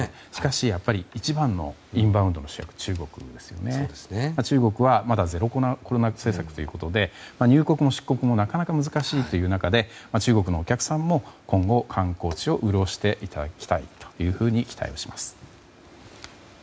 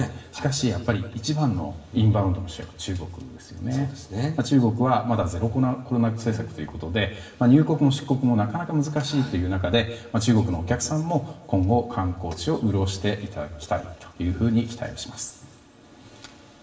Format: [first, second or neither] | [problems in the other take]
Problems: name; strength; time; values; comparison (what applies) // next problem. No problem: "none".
first | room echo; dies away in 0.8 s